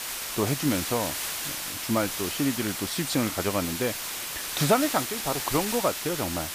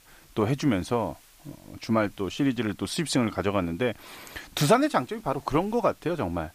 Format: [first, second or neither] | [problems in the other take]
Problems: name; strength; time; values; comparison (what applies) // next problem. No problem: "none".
second | hiss; loud; throughout; 2 dB below the speech; faint in the second